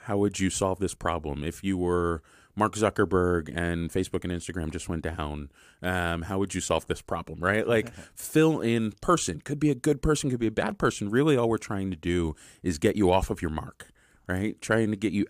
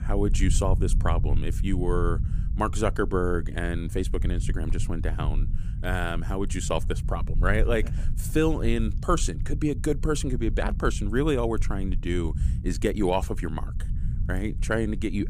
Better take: first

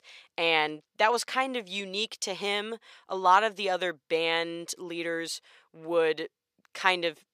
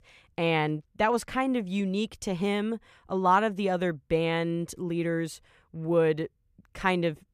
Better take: second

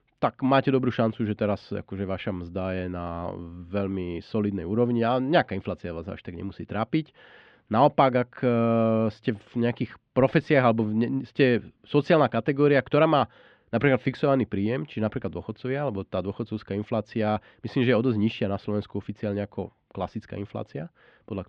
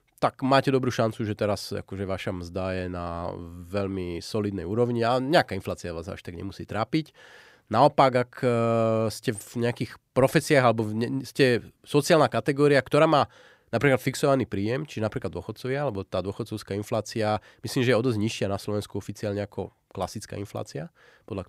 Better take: second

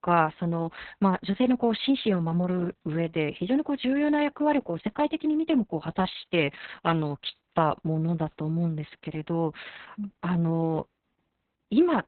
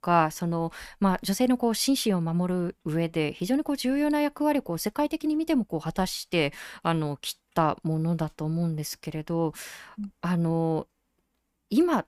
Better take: second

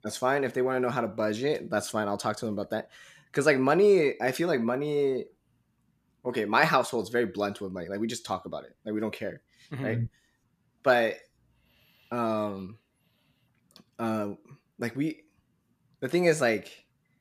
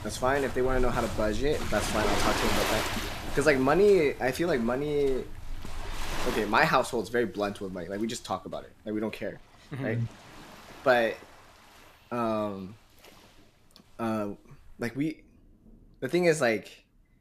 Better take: first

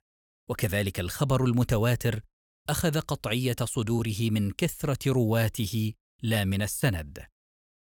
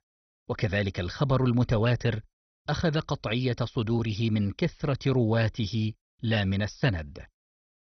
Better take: first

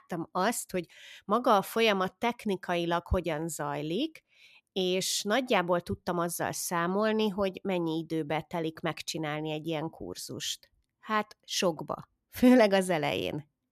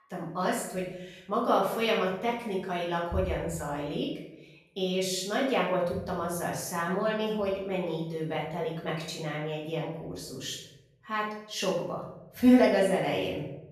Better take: first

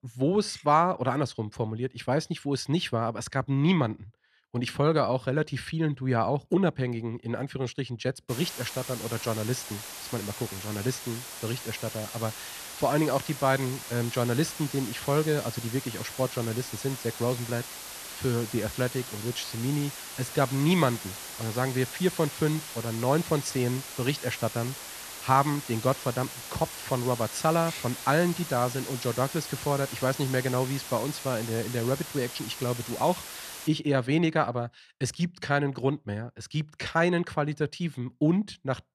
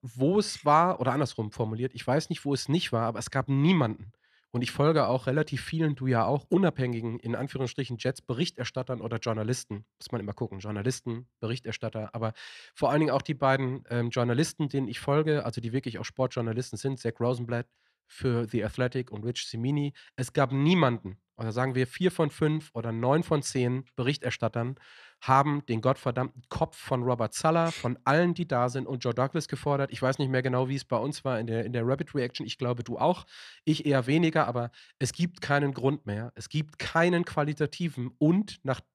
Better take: second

